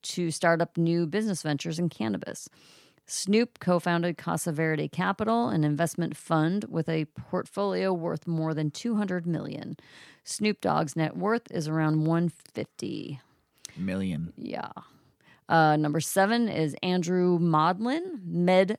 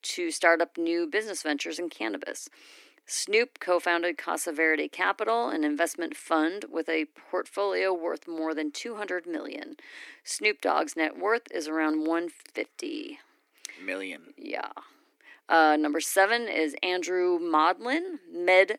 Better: first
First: none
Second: thin; somewhat; fading below 300 Hz

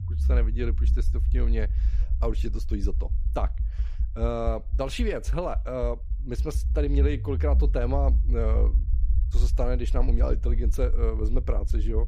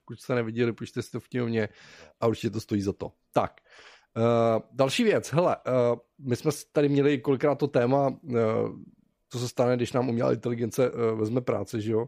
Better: second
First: low rumble; noticeable; throughout; 15 dB below the speech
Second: none

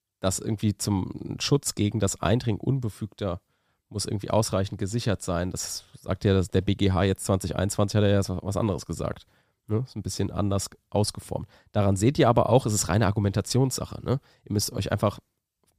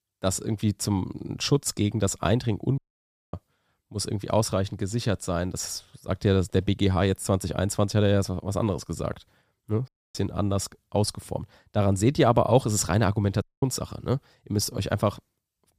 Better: first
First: none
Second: audio cutting out; at 3 s for 0.5 s, at 10 s and at 13 s

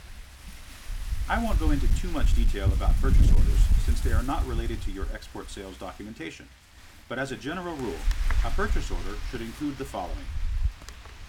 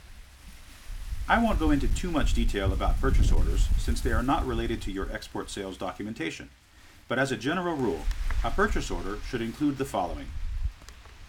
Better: second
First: wind noise on the microphone; heavy; 8 dB below the speech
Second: wind noise on the microphone; occasional gusts; 15 dB below the speech

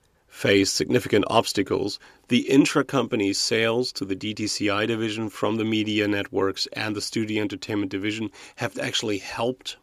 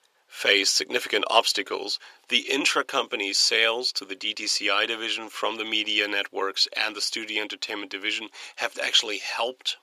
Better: first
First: none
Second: thin; very; fading below 650 Hz

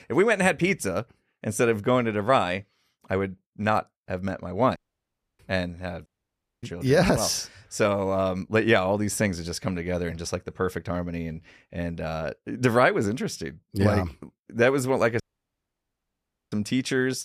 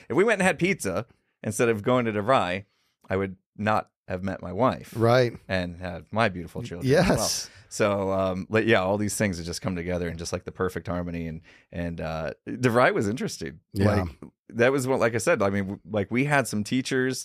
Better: second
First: audio cutting out; at 5 s for 0.5 s, at 6 s for 0.5 s and at 15 s for 1.5 s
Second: none

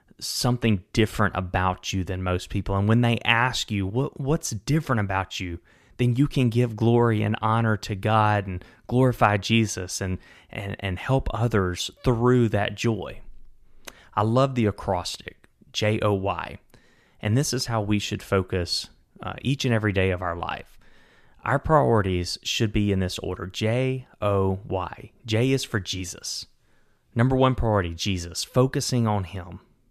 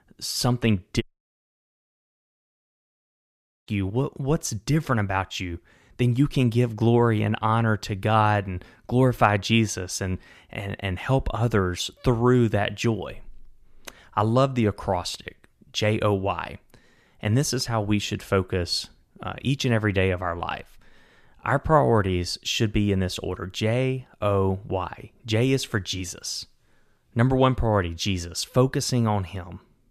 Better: first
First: none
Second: audio cutting out; at 1 s for 2.5 s

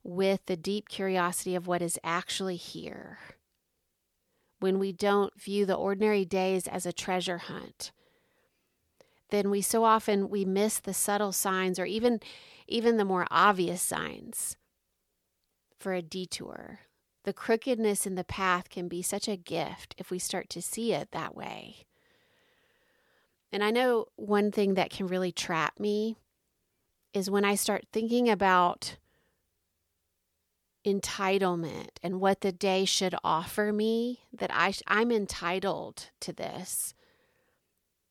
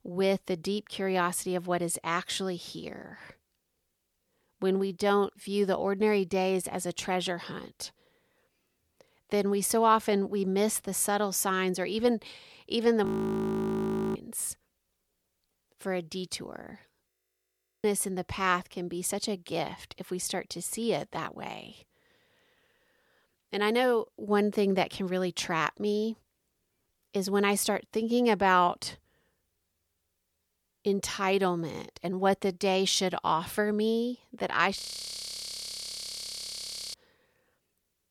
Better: first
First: none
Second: audio freezing; at 13 s for 1 s, at 17 s for 1 s and at 35 s for 2 s

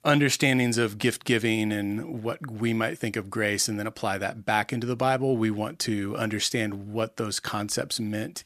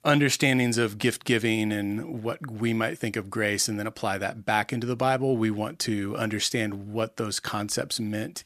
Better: neither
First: none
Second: none

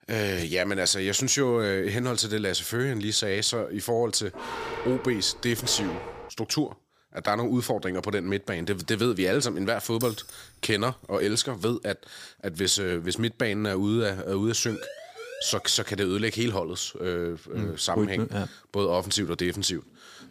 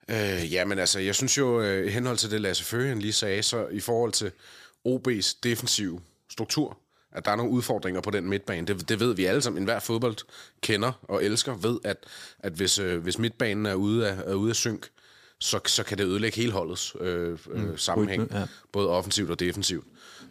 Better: second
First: dog barking; noticeable; from 4.5 to 6.5 s; peak 7 dB below the speech // jangling keys; faint; at 10 s; peak 10 dB below the speech // siren; faint; at 15 s; peak 15 dB below the speech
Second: none

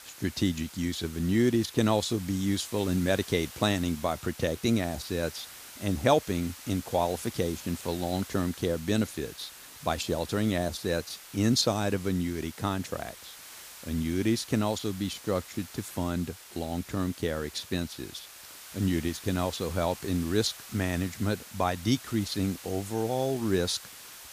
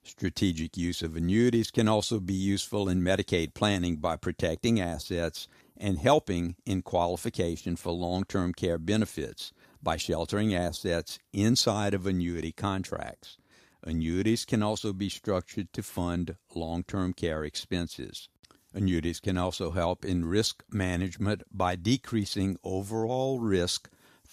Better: second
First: hiss; noticeable; throughout; 15 dB below the speech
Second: none

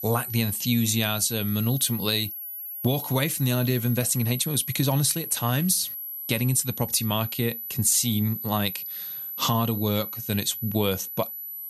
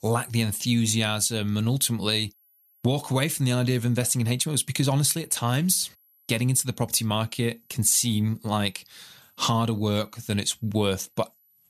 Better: second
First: high-pitched whine; loud; throughout; 12 kHz, 7 dB below the speech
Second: high-pitched whine; faint; throughout; 12 kHz, 35 dB below the speech

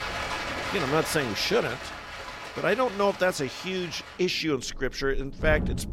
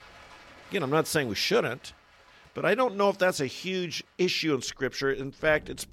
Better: second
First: rain or running water; loud; throughout; 7 dB below the speech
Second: rain or running water; faint; throughout; 25 dB below the speech

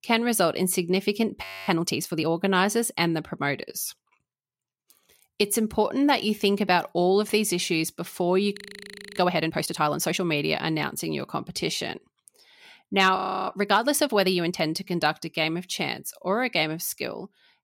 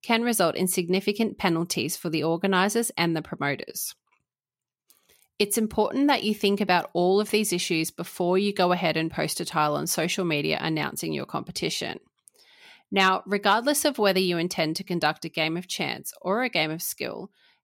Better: second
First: audio freezing; at 1.5 s, at 8.5 s for 0.5 s and at 13 s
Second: none

